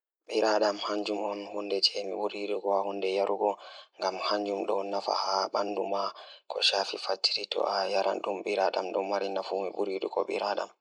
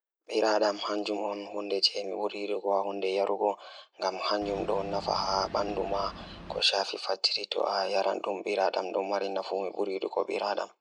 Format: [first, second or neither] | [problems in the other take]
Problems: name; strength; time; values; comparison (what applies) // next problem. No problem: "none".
first | background sound (Boat, Water vehicle); 13 dB below the speech